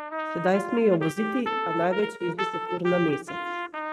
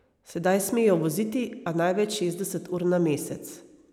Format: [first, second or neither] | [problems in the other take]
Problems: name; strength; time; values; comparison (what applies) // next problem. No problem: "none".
second | noise reduction (neural mask model RNNoise)